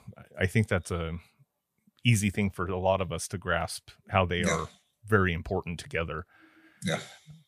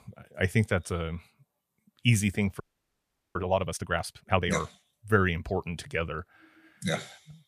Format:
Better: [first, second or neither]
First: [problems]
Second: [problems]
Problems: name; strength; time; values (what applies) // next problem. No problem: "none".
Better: first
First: none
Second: audio freezing; at 2.5 s for 1 s